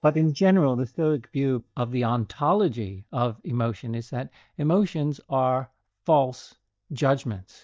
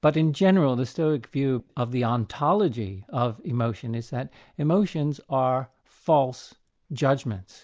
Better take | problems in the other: second | noise reduction (neural mask model DeepFilterNet 3)

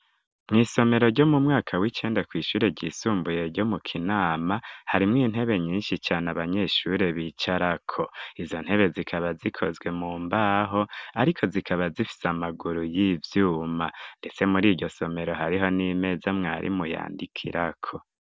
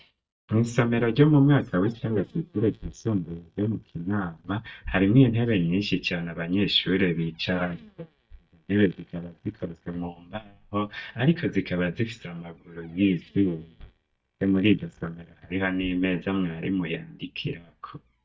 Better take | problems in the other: first | noise reduction (neural mask model DeepFilterNet 3)

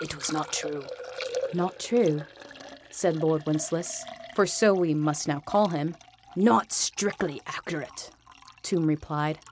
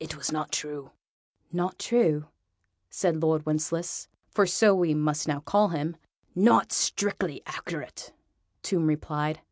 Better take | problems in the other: second | background sound (Liquid); 14 dB below the speech

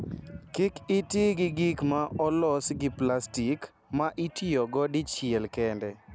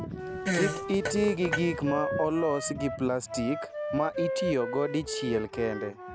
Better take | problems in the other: first | background sound (Fart + Wind instrument, woodwind instrument); 4 dB below the speech

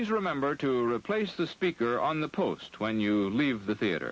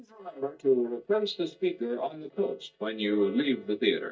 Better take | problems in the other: first | noise reduction (neural mask model DeepFilterNet 3)

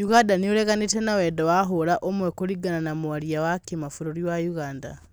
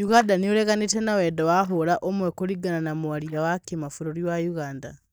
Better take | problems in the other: first | noise reduction (neural mask model DeepFilterNet 3)

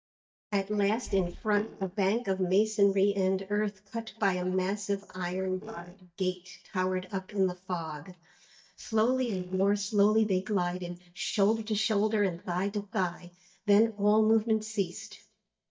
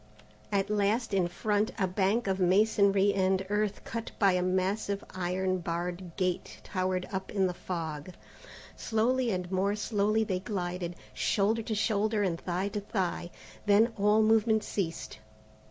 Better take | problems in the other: second | noise reduction (neural mask model DeepFilterNet 3)

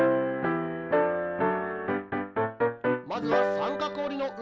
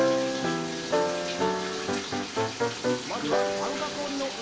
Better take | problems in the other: first | background sound (Bathtub (filling or washing)); 8 dB below the speech // room echo; dies away in 1.4 s

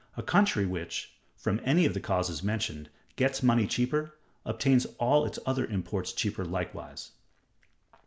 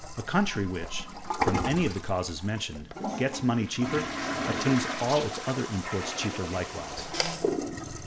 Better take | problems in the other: first | background sound (Toilet flush); 3 dB below the speech

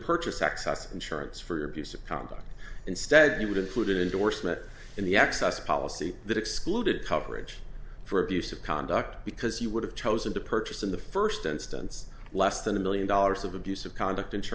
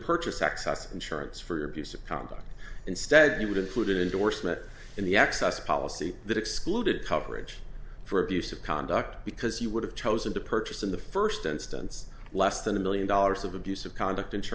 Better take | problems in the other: second | background sound (Bowed string instrument); 19 dB below the speech

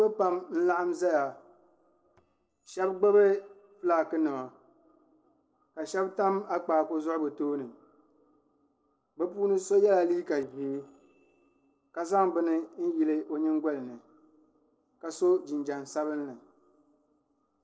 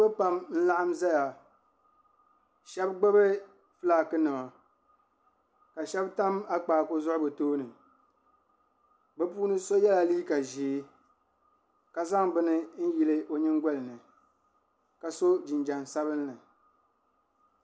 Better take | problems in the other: second | noise reduction (neural separator model SepFormer DNS4)

